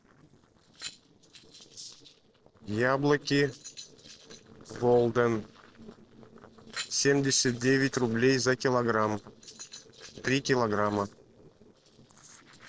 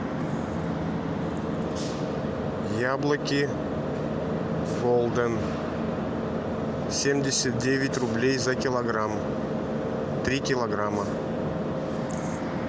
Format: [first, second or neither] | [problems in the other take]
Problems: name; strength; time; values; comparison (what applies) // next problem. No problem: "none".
second | noise reduction (neural separator model SepFormer DNS4)